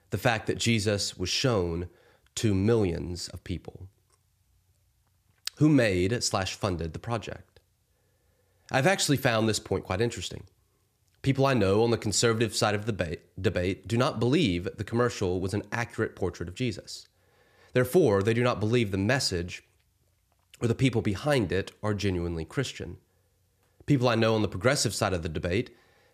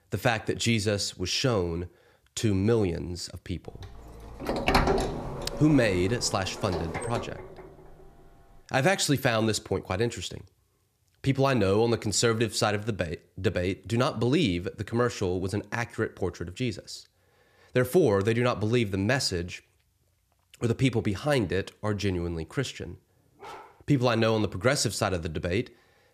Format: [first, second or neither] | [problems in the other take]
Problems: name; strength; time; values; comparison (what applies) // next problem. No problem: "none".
first | door banging; loud; from 4.5 to 7 s; peak 3 dB above the speech // dog barking; faint; at 23 s; peak 15 dB below the speech